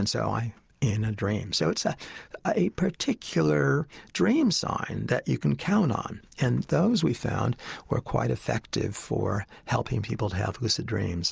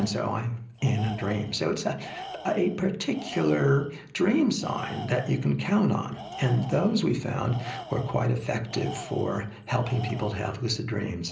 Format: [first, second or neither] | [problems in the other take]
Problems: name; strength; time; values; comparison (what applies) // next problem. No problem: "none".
first | background sound (Tools); 16 dB below the speech // room echo; dies away in 0.5 s